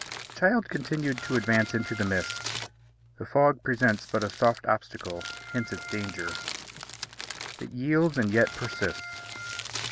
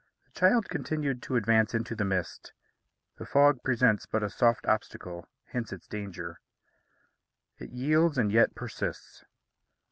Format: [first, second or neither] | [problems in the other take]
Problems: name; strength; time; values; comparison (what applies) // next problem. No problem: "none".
second | background sound (Crumpling, crinkling + Organ); 11 dB below the speech